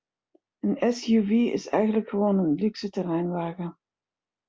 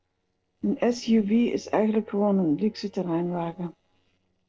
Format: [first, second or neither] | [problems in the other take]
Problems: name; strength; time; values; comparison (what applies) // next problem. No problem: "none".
first | noise reduction (neural separator model SepFormer DNS4)